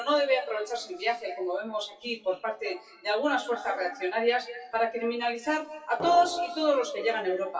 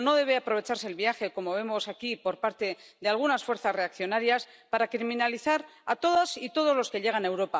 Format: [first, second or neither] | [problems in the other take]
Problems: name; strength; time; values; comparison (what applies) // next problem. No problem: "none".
second | noise reduction (classical method WPE with log-MMSE)